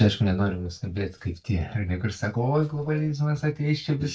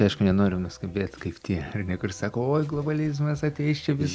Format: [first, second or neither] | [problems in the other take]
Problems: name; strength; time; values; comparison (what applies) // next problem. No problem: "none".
second | noise reduction (neural mask model DeepFilterNet 3)